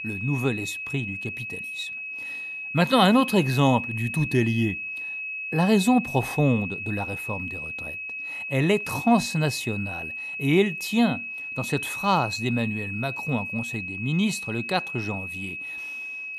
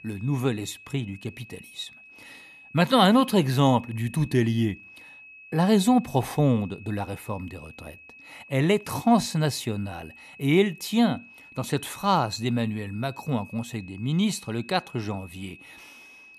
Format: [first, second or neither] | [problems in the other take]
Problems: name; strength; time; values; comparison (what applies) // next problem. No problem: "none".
second | high-pitched whine; loud; throughout; 2.5 kHz, 6 dB below the speech; faint in the second